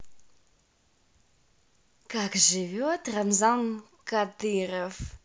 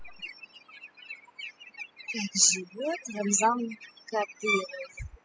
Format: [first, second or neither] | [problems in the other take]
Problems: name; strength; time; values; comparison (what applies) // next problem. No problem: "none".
first | noise reduction (classical method spectral subtraction)